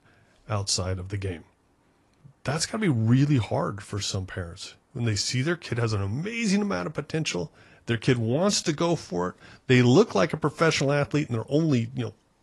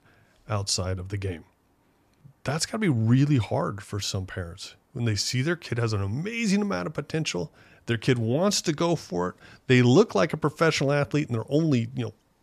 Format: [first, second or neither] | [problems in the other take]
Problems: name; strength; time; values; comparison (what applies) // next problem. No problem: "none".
second | garbled, watery; slightly